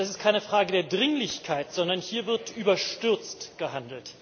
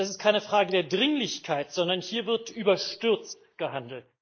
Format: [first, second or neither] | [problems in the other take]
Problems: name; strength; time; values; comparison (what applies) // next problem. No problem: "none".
first | noise reduction (neural mask model Resemble Enhance denoiser)